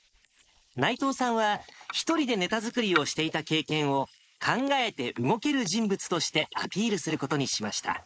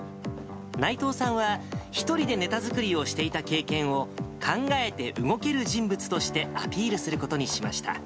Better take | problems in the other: second | noise reduction (neural mask model Resemble Enhance denoiser)

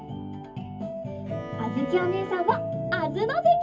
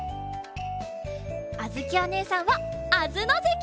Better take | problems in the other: second | background sound (Bowed string instrument); 14 dB below the speech // room echo; dies away in 0.3 s

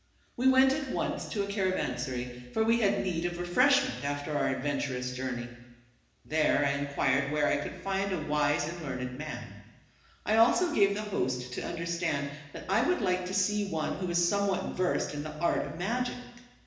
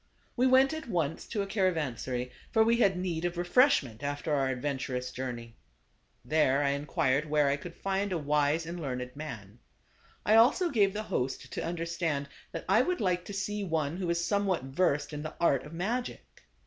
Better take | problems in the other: second | room echo; dies away in 1 s

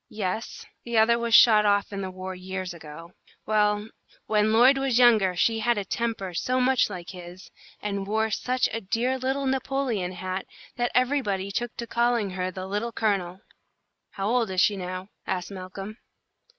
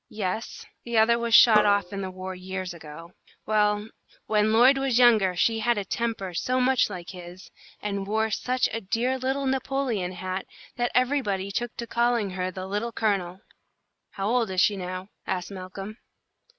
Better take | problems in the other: first | background sound (Drum); 8 dB below the speech

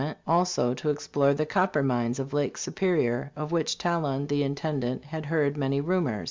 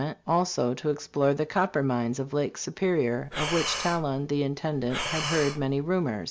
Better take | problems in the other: first | background sound (Breathing); 7 dB below the speech

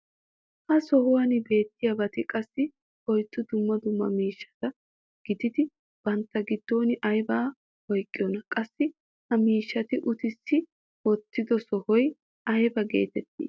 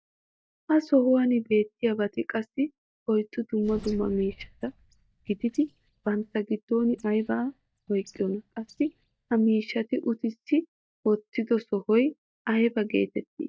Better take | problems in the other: first | noise reduction (neural mask model DeepFilterNet 3)

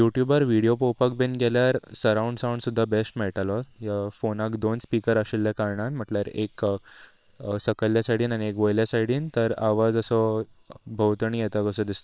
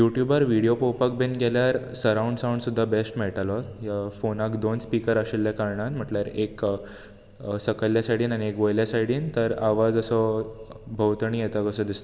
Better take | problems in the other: second | noise reduction (neural separator model SepFormer WHAM!)

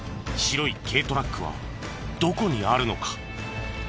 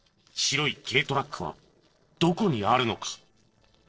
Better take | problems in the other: first | noise reduction (neural separator model SepFormer DNS4)

